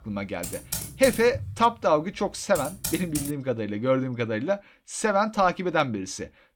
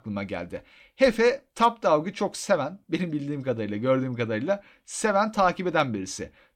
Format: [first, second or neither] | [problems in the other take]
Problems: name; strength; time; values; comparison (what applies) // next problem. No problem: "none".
second | keyboard typing; noticeable; until 3.5 s; peak 5 dB below the speech